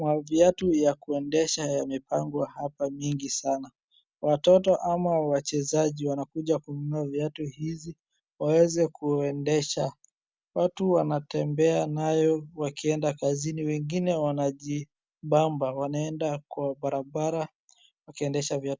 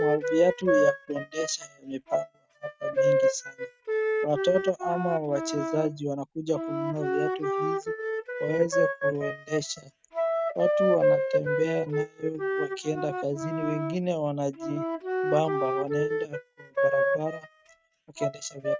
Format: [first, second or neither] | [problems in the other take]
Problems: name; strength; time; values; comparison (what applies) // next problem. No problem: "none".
first | noise reduction (neural mask model RNNoise)